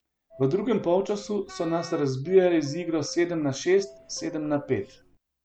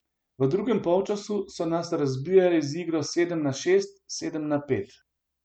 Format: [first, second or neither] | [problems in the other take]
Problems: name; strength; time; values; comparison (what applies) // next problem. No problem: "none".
second | background sound (Subway, metro, underground / Doorbell + Wind instrument, woodwind instrument); 20 dB below the speech